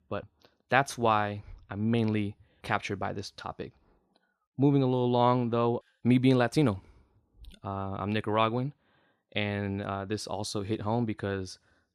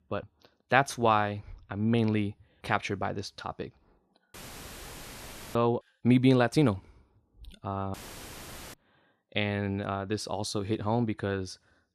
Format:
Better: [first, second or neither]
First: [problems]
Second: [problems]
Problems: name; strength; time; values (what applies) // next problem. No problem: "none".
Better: first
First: none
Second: audio cutting out; filled with static; at 4.5 s for 1 s and at 8 s for 1 s